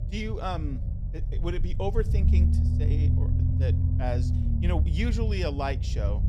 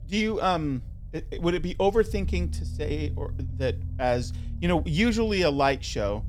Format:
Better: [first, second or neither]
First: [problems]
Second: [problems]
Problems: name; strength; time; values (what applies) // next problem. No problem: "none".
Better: second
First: low rumble; loud; throughout; 6 dB below the speech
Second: low rumble; faint; throughout; 25 dB below the speech